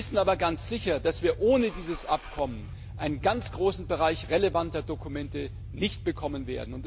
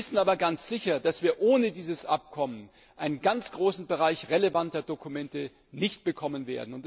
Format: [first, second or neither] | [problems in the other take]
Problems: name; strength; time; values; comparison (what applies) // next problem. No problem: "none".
second | background sound (Engine starting / Car); 11 dB below the speech